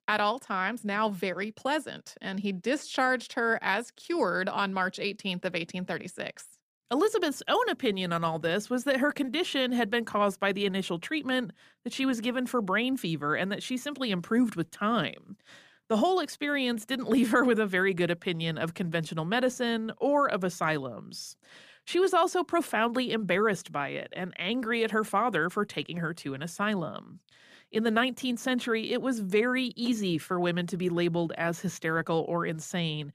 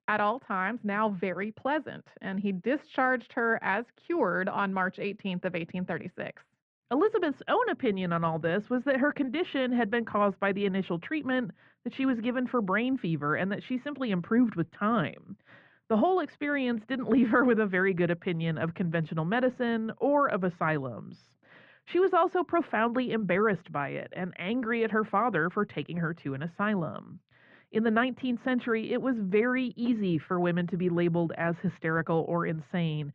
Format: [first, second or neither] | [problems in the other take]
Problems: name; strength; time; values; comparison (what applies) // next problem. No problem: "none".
first | muffled; very; fading above 2.5 kHz